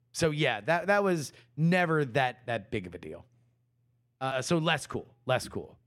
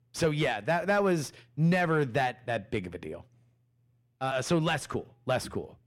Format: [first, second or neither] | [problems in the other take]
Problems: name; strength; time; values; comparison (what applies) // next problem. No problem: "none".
first | distortion; slight; 10 dB below the speech